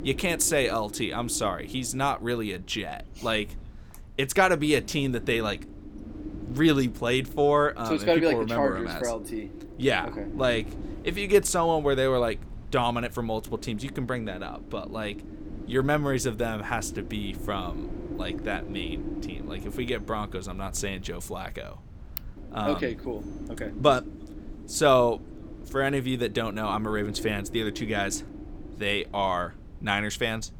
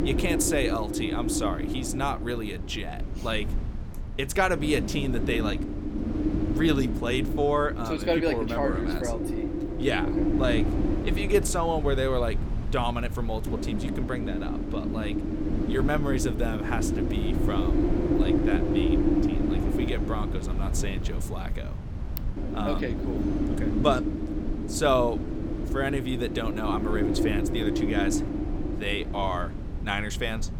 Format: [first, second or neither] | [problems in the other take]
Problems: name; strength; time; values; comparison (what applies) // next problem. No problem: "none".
first | wind noise on the microphone; heavy; 4 dB below the speech; occasional gusts in the first